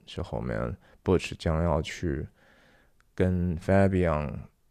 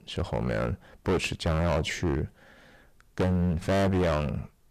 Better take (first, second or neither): first